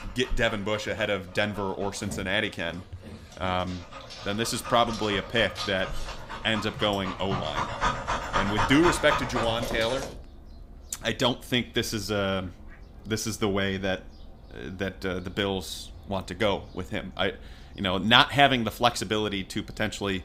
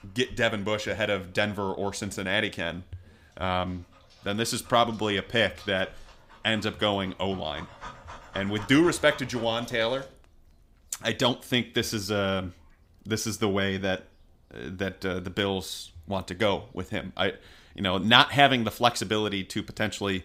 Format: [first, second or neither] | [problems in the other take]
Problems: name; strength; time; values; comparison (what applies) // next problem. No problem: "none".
second | animal sounds; loud; throughout; 7 dB below the speech; faint in the second